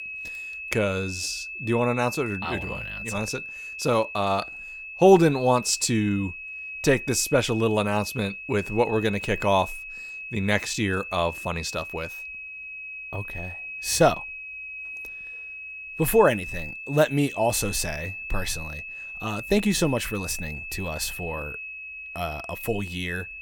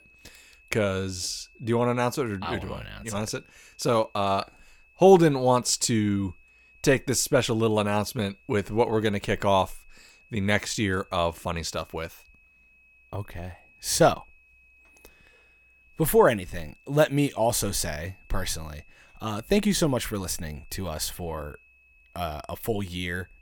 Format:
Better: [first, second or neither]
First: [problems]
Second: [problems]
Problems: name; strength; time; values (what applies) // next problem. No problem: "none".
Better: second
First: high-pitched whine; loud; throughout; 2.5 kHz, 9 dB below the speech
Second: high-pitched whine; faint; throughout; 2.5 kHz, 30 dB below the speech